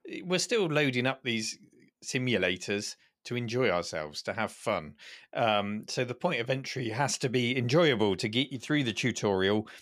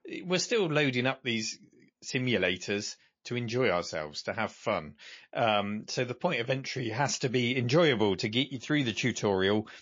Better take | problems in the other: first | garbled, watery; slightly; nothing above 6 kHz

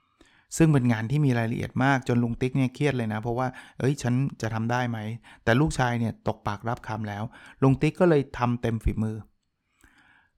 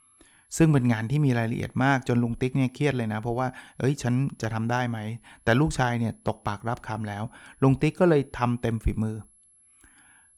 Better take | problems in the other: first | high-pitched whine; faint; throughout; 11 kHz, 35 dB below the speech

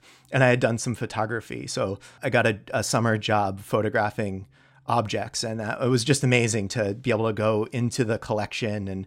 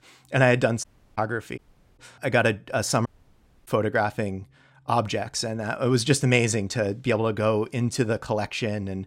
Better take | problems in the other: first | audio cutting out; at 1 s, at 1.5 s and at 3 s for 0.5 s

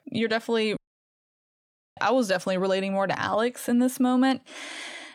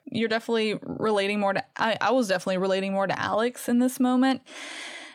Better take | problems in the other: second | audio cutting out; at 1 s for 1 s

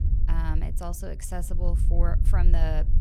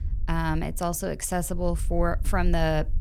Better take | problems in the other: second | low rumble; loud; throughout; 8 dB below the speech; faint in the second

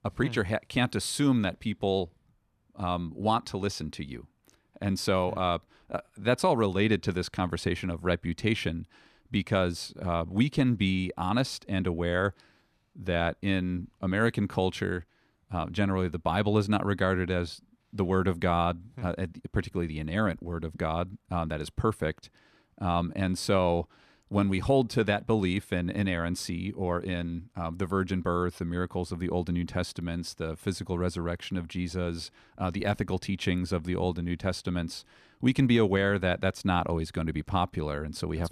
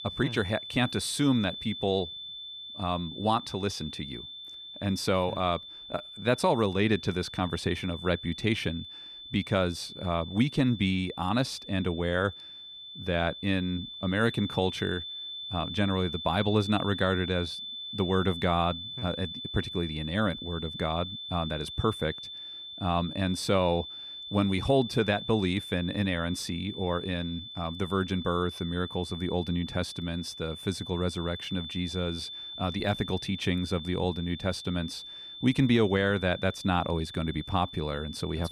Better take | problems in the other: first | high-pitched whine; loud; throughout; 3.5 kHz, 9 dB below the speech

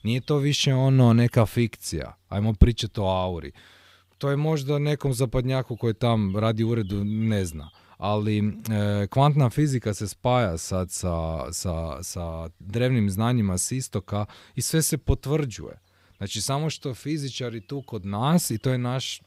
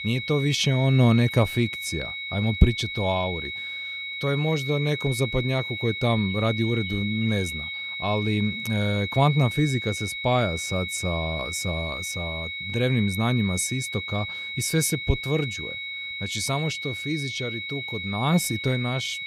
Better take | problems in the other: first | high-pitched whine; loud; throughout; 2 kHz, 5 dB below the speech

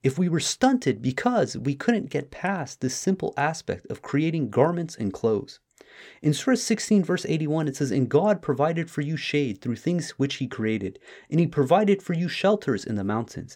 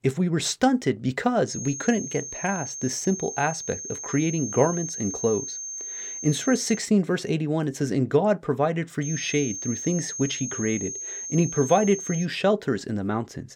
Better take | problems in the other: first | high-pitched whine; loud; from 1.5 to 7 s and from 9 to 12 s; 6.5 kHz, 7 dB below the speech

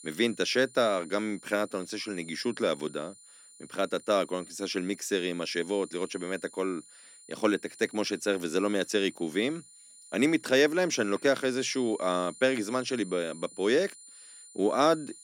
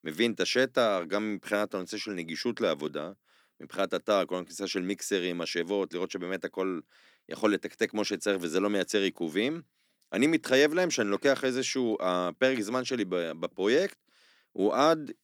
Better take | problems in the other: second | high-pitched whine; noticeable; throughout; 9.5 kHz, 20 dB below the speech

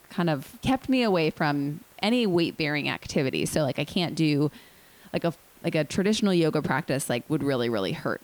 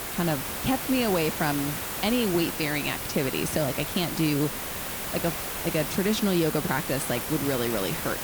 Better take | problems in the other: first | hiss; loud; throughout; 3 dB below the speech; faint in the first

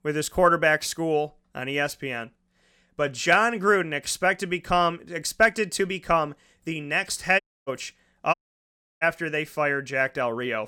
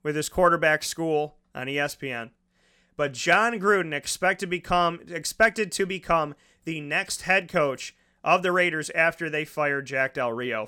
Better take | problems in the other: second | audio cutting out; at 7.5 s and at 8.5 s for 0.5 s

